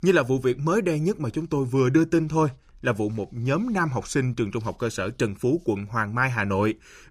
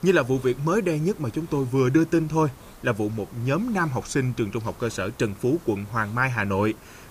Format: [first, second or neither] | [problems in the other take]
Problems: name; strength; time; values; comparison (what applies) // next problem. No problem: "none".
first | hiss; faint; throughout; 20 dB below the speech